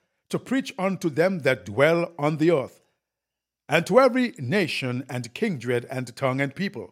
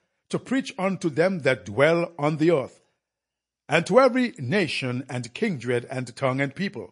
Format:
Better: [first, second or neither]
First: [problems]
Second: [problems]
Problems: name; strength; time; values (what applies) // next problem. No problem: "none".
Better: first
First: none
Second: garbled, watery; slightly; nothing above 10.5 kHz